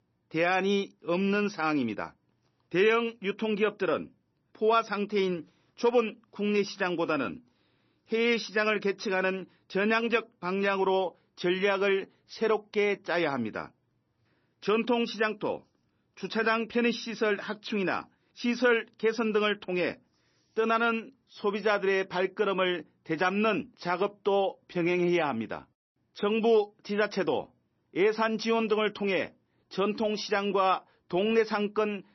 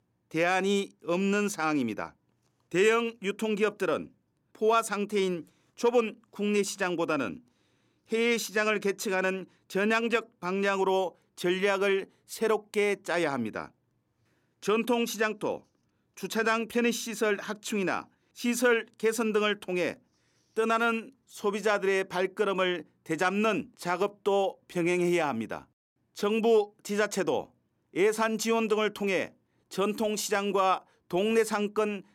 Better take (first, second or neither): second